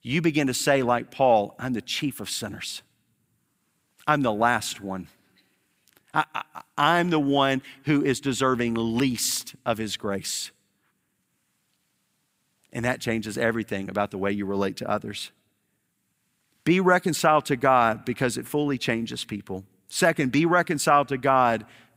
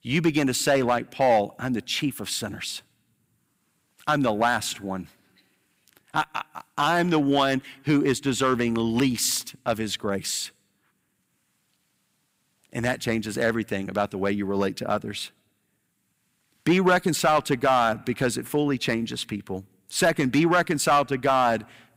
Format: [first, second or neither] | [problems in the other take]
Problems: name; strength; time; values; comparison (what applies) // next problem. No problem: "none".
first | distortion; slight; 1.8% of the sound clipped